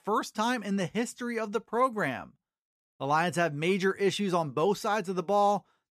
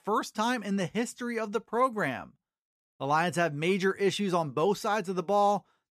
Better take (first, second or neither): neither